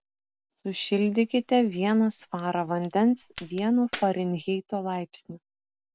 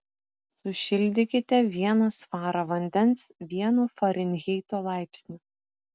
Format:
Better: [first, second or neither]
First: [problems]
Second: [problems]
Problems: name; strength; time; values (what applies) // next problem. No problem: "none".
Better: second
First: background sound (Crack); 20 dB below the speech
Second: none